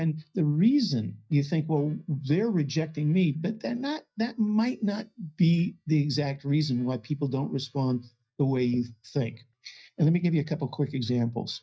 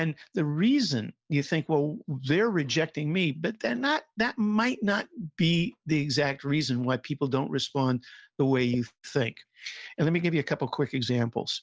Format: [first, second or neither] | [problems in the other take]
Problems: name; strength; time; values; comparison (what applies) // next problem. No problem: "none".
second | noise reduction (neural mask model DeepFilterNet 3)